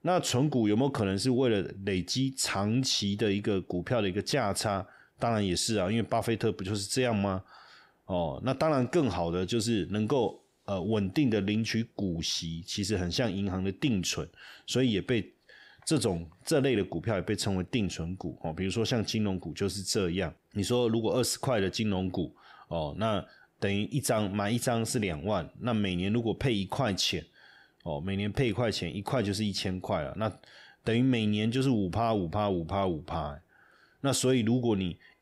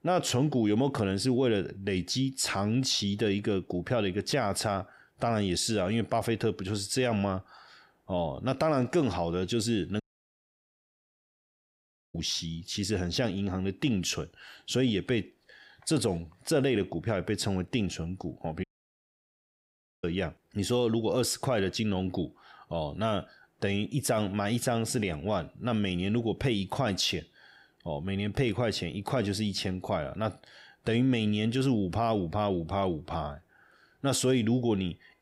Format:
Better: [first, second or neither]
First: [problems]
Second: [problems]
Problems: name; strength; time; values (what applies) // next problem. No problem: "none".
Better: first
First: none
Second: audio cutting out; at 10 s for 2 s and at 19 s for 1.5 s